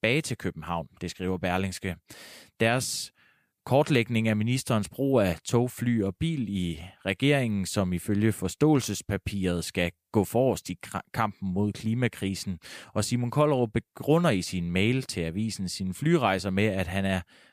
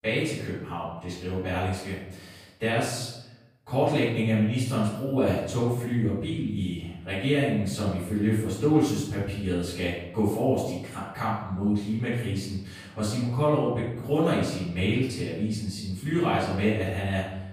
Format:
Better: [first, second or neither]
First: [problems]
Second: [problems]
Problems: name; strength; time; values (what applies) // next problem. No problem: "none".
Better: first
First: none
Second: room echo; strong; dies away in 0.8 s // off-mic speech; far